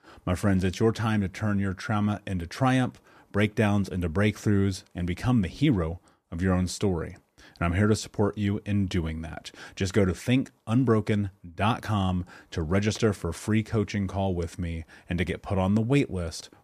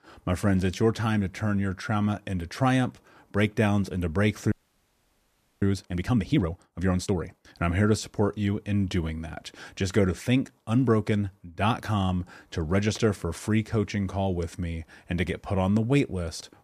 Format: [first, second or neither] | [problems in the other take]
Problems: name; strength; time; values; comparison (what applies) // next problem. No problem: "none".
first | audio freezing; at 4.5 s for 1 s